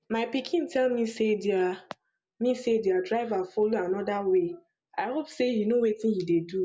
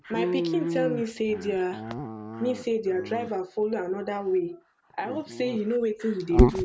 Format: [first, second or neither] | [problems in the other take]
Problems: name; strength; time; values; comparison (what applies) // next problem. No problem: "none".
first | background sound (Dog); 1 dB below the speech